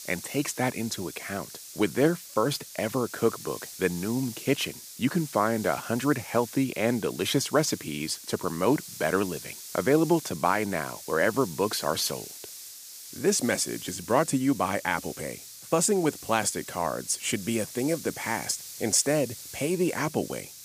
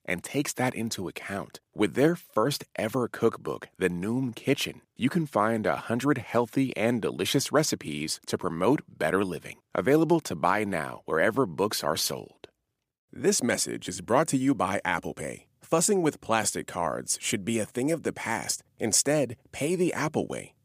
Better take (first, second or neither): second